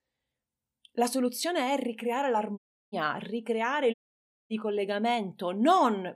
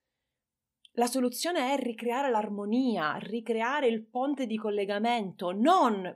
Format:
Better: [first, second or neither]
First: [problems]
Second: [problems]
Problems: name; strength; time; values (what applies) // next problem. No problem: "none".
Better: second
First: audio cutting out; at 2.5 s and at 4 s for 0.5 s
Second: none